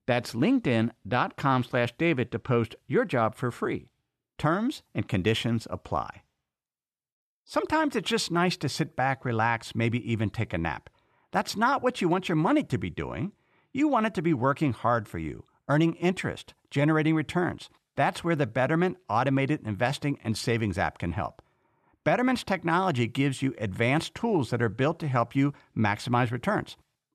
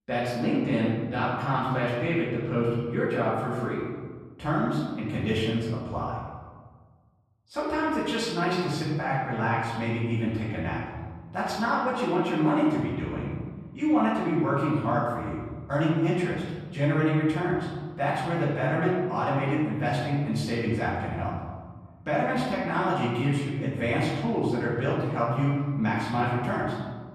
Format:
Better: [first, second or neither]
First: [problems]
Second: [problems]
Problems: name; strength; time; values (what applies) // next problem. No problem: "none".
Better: first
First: none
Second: off-mic speech; far // room echo; noticeable; dies away in 1.4 s